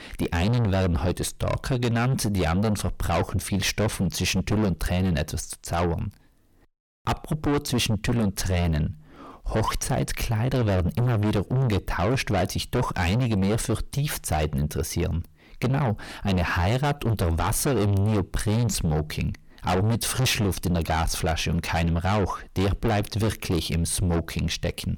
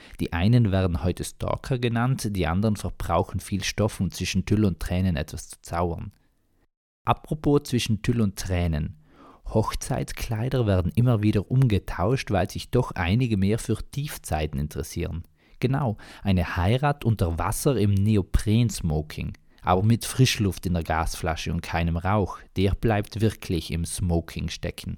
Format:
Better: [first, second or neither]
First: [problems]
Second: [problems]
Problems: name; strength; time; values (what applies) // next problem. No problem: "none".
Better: second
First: distortion; heavy; 6 dB below the speech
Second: none